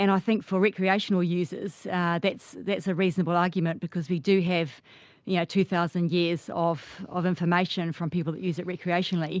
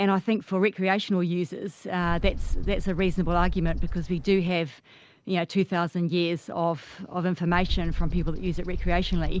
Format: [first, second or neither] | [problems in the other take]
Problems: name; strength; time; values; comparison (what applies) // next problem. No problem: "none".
first | background sound (Bird); 4 dB below the speech